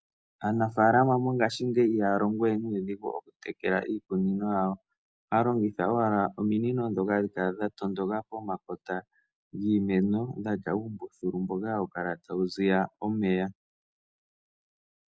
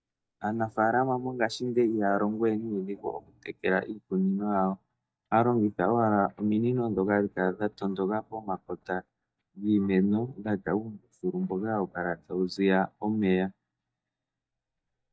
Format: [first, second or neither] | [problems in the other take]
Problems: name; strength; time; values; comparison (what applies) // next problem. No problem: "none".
first | noise reduction (neural mask model DeepFilterNet 3)